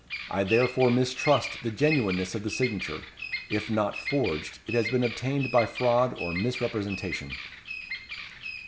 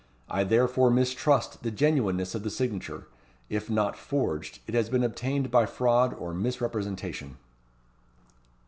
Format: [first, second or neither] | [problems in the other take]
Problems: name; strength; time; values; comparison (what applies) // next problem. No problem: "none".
second | background sound (Bird vocalization, bird call, bird song); 9 dB below the speech